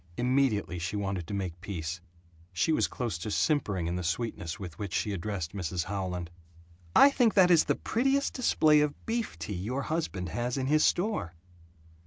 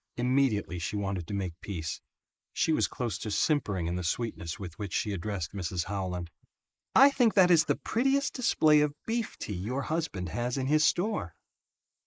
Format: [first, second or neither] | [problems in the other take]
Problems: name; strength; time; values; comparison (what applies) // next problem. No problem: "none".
first | noise reduction (neural mask model Resemble Enhance denoiser)